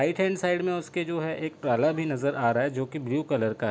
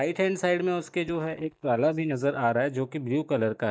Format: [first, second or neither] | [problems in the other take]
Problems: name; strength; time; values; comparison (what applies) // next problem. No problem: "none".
first | noise reduction (neural mask model DeepFilterNet 3)